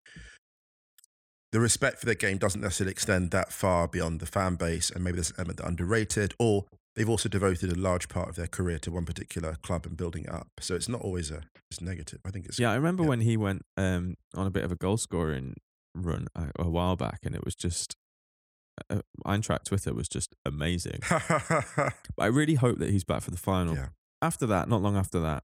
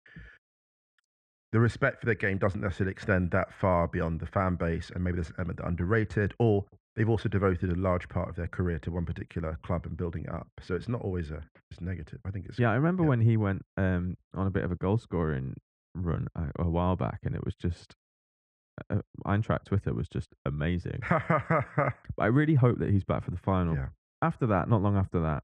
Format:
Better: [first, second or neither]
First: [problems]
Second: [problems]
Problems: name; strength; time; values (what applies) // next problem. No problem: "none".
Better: first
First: none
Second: muffled; very; fading above 1.5 kHz